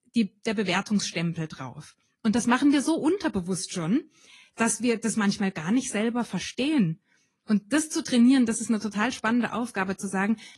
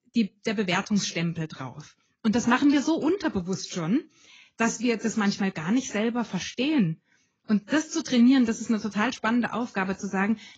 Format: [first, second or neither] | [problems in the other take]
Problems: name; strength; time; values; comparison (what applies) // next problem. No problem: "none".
first | garbled, watery; badly; slightly in the first